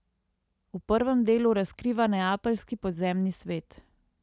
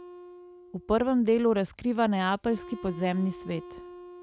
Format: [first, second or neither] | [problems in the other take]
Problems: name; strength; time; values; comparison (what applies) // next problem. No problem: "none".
first | background sound (Wind instrument, woodwind instrument); 18 dB below the speech